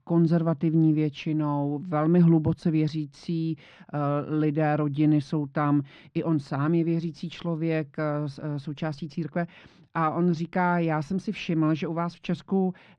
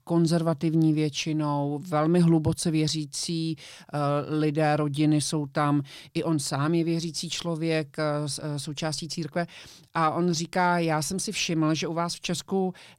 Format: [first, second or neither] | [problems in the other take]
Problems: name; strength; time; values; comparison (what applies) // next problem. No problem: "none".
second | muffled; very; fading above 2 kHz